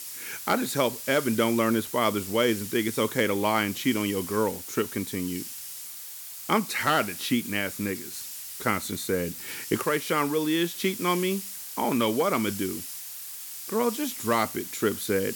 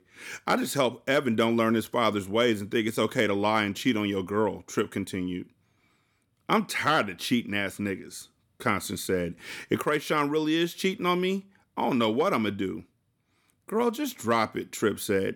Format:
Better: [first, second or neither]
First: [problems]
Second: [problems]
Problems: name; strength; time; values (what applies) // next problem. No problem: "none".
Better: second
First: hiss; loud; throughout; 9 dB below the speech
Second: none